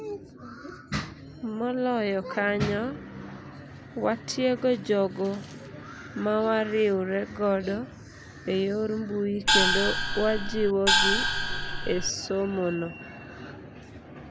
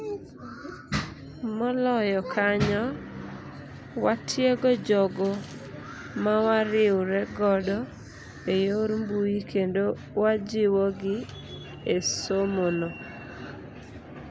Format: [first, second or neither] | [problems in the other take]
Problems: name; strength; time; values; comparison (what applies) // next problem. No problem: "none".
second | background sound (Gong); 4 dB above the speech